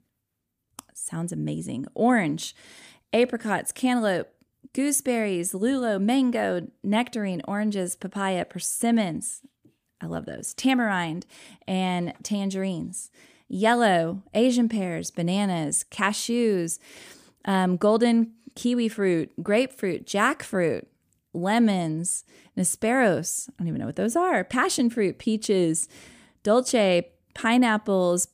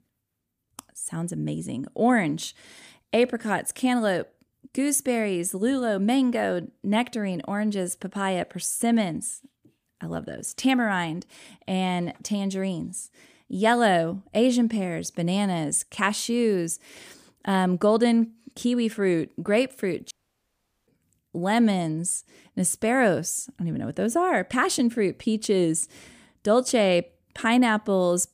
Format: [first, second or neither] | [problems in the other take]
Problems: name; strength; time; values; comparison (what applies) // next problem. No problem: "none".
first | audio cutting out; at 20 s for 1 s